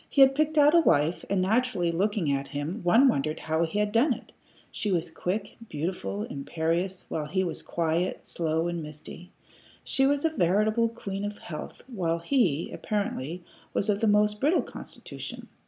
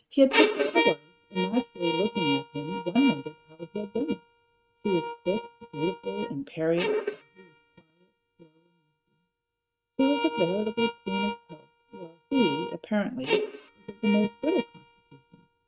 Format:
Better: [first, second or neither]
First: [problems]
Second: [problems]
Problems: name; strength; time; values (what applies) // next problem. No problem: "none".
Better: first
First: none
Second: noise reduction (neural mask model RNNoise)